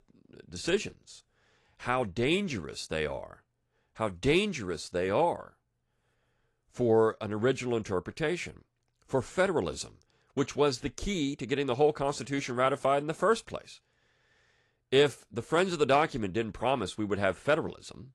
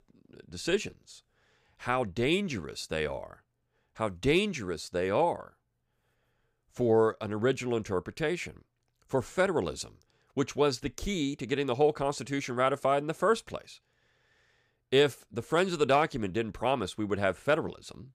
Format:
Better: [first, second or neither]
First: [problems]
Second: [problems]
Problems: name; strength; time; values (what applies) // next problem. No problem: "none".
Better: second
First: garbled, watery; slightly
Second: none